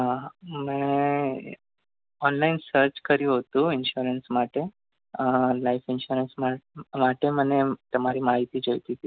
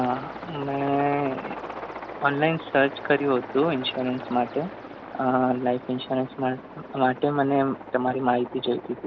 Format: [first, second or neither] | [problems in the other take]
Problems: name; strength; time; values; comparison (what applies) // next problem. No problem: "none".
first | background sound (Aircraft); 12 dB below the speech